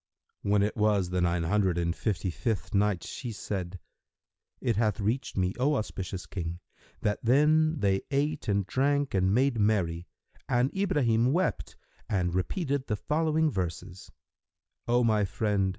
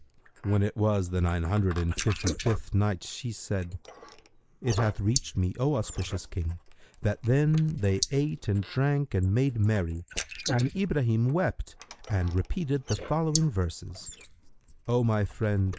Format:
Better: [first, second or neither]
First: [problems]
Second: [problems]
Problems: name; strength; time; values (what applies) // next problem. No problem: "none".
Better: first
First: none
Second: noise reduction (neural mask model Resemble Enhance denoiser)